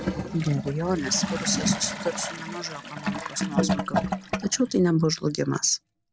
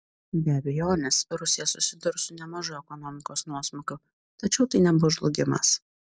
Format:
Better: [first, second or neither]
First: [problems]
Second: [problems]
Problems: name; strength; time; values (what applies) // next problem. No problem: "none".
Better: second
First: background sound (Toilet flush / Gurgling); 3 dB below the speech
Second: none